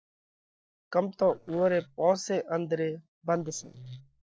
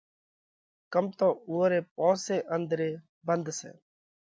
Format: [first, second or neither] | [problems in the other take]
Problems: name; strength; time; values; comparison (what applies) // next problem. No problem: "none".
second | noise reduction (neural separator model SepFormer DNS4)